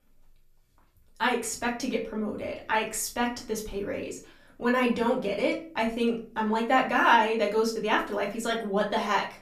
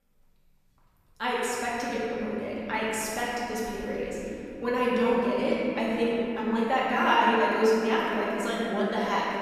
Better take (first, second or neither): first